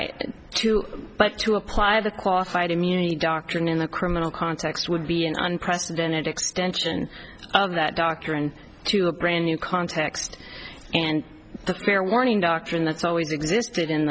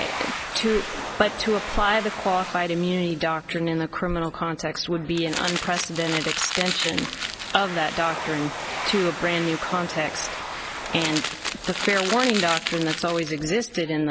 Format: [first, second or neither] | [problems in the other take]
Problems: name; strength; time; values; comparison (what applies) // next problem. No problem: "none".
first | background sound (Crumpling, crinkling + Domestic sounds, home sounds); 6 dB below the speech